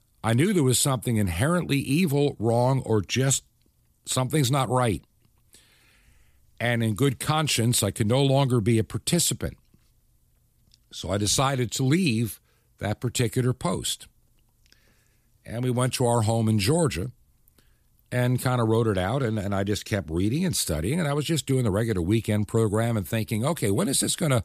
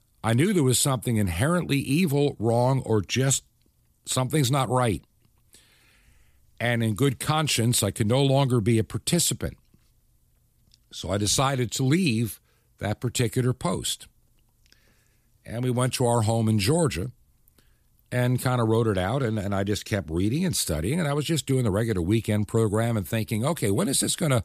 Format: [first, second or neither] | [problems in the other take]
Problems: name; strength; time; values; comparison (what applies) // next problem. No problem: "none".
neither | none